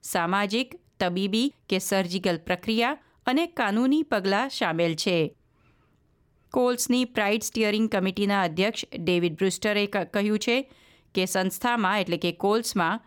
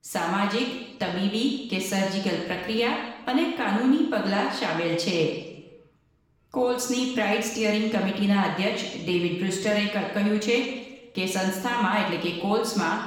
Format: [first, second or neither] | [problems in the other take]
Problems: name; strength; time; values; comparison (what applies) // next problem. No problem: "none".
first | room echo; noticeable; dies away in 0.9 s // off-mic speech; far